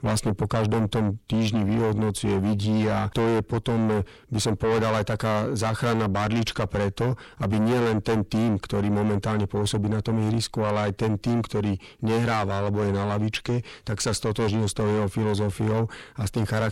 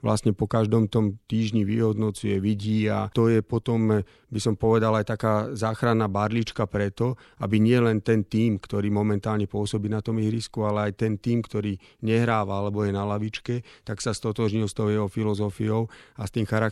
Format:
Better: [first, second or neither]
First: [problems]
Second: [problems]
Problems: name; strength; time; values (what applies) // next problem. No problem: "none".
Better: second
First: distortion; heavy; 5 dB below the speech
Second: none